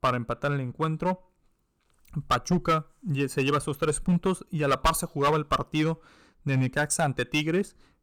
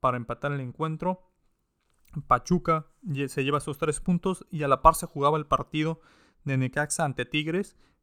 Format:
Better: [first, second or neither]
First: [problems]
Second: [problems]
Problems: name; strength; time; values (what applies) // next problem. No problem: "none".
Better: second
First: distortion; heavy; 5% of the sound clipped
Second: none